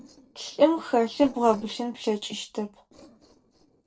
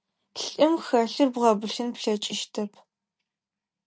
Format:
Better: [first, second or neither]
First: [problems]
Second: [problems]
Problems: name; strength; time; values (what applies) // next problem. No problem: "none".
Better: second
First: noise reduction (neural separator model SepFormer DNS4)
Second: none